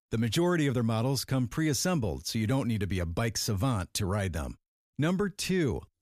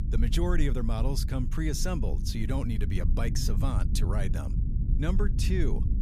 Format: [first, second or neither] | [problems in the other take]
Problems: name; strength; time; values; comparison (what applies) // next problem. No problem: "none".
first | low rumble; loud; throughout; 9 dB below the speech